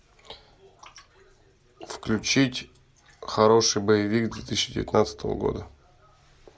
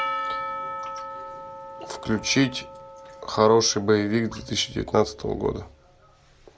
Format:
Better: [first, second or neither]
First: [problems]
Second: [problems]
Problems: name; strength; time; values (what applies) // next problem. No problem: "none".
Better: first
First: none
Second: background sound (Percussion); 10 dB below the speech